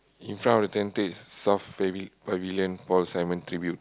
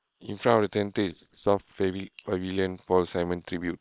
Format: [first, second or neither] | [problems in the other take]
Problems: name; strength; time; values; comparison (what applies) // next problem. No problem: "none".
first | noise reduction (neural separator model SepFormer WHAM!)